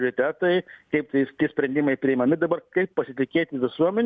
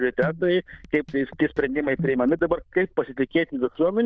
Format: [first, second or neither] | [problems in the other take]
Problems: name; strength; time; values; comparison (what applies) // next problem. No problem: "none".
first | noise reduction (neural diffusion model UNIVERSE++)